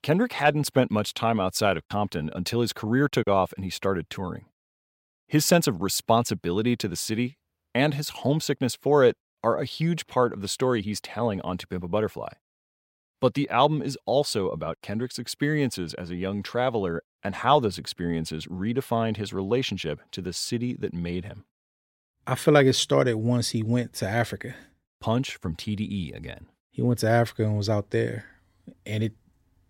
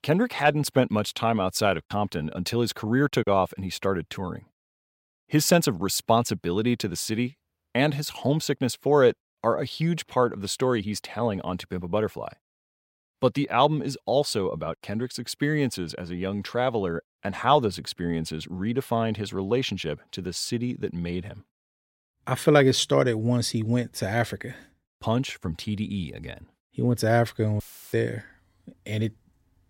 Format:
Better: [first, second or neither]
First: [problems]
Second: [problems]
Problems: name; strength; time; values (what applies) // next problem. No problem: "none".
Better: first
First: none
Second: audio cutting out; filled with static; at 28 s